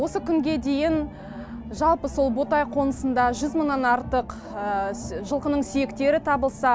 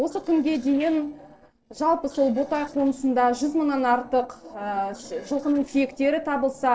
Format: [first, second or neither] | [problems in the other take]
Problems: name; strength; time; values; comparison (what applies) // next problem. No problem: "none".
first | noise reduction (neural separator model SepFormer DNS4)